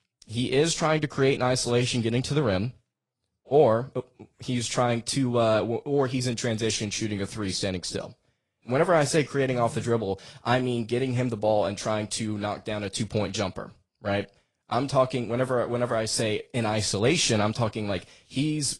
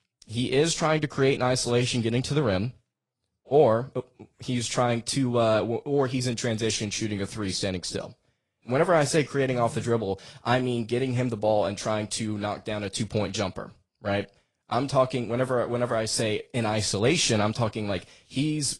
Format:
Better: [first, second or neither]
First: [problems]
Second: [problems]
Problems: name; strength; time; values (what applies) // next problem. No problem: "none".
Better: neither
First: garbled, watery; slightly; nothing above 10 kHz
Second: garbled, watery; slightly; nothing above 10 kHz